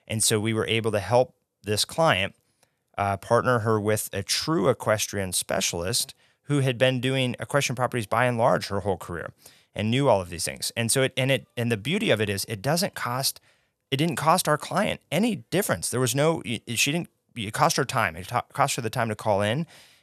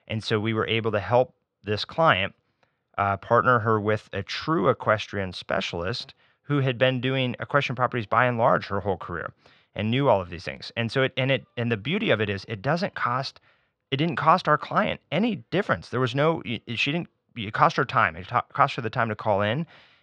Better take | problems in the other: first | muffled; slightly; fading above 4 kHz

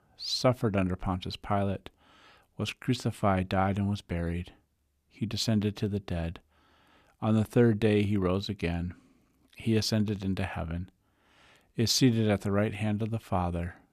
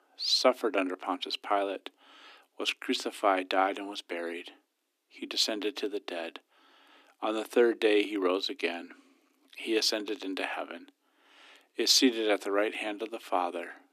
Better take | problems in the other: first | thin; somewhat; fading below 250 Hz

